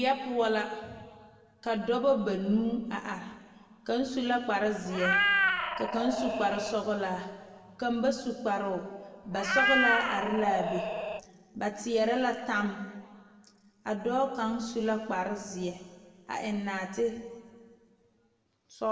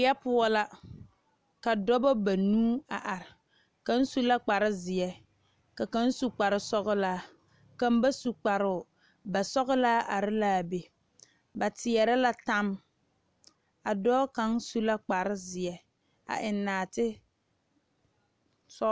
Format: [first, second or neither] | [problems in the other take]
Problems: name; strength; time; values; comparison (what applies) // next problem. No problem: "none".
second | background sound (Meow); 2 dB above the speech // room echo; dies away in 1.4 s